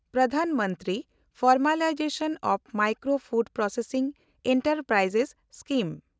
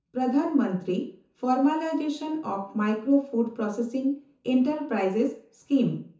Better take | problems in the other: first | room echo; dies away in 0.7 s

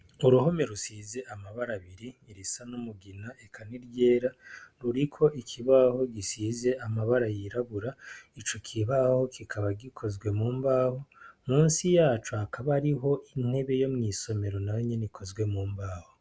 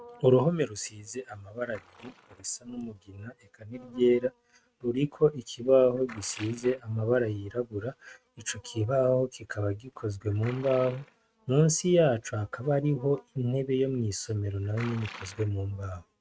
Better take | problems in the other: first | noise reduction (neural mask model RNNoise)

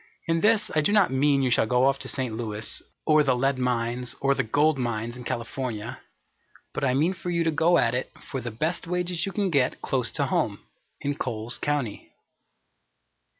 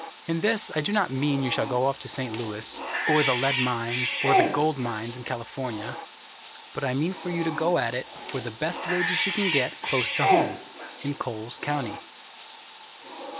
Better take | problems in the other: first | background sound (Bathtub (filling or washing) / Cat); 3 dB below the speech

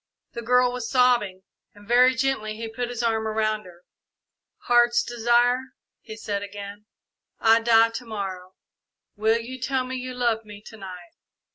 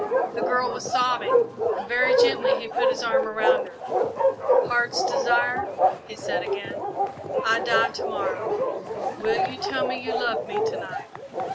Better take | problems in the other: first | background sound (Bark); 5 dB above the speech

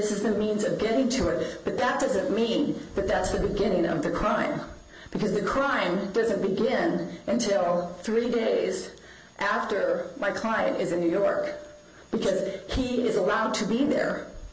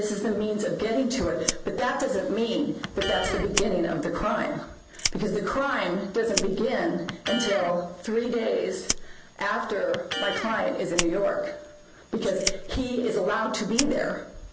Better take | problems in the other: first | background sound (Fire + Electric guitar); 8 dB below the speech

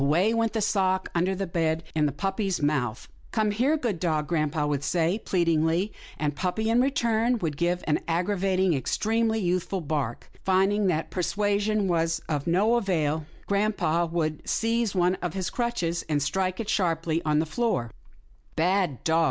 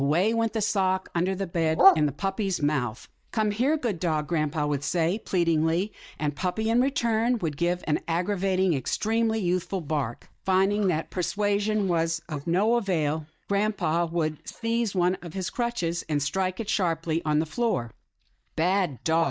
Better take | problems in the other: first | noise reduction (neural mask model DeepFilterNet 3)

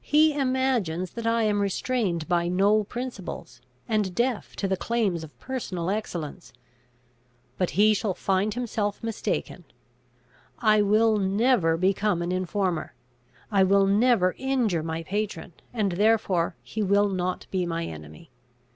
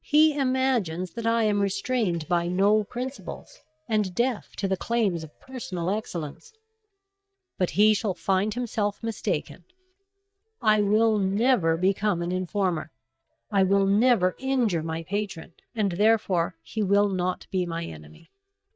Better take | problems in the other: first | noise reduction (neural mask model DeepFilterNet 3)

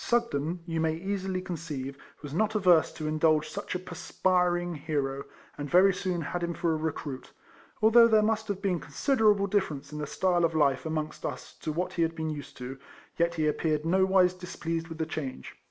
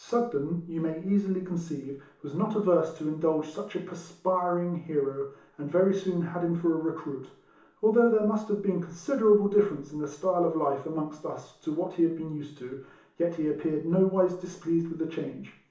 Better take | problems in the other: first | room echo; dies away in 0.8 s

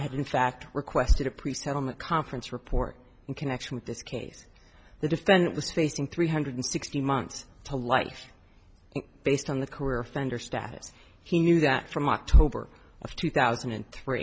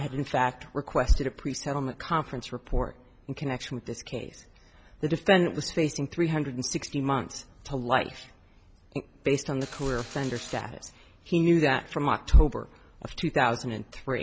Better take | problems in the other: first | background sound (Mechanisms); 16 dB below the speech

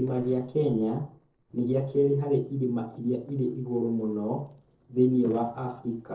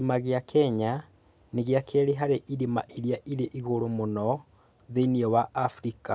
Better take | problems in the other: second | noise reduction (neural separator model SepFormer DNS4)

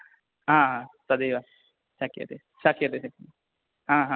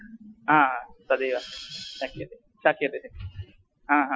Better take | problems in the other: first | noise reduction (classical method Wiener filter)

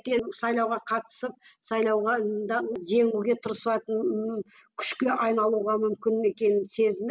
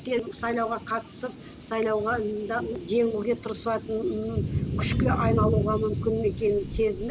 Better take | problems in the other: first | background sound (Thunder / Cricket); 4 dB below the speech

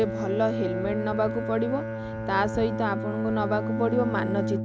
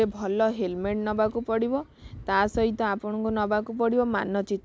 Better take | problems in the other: second | background sound (Bowed string instrument); 3 dB below the speech

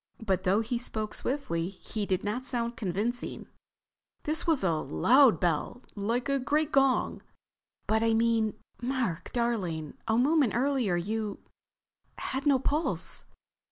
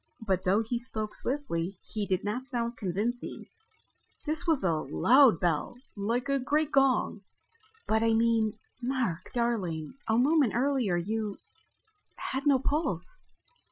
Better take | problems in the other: first | noise reduction (classical method Wiener filter)

